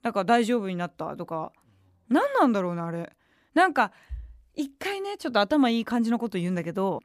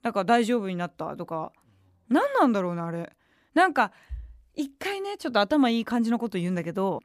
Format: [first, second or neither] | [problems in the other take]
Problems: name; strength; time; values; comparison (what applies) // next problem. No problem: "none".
neither | none